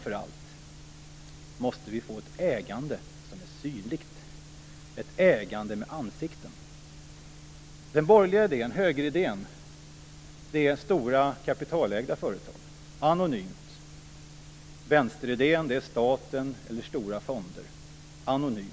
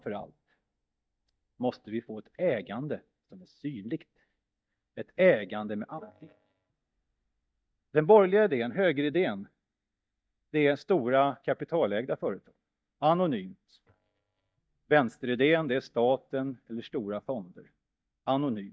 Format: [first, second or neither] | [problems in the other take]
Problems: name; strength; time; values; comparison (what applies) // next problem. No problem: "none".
first | noise reduction (neural mask model DeepFilterNet 3)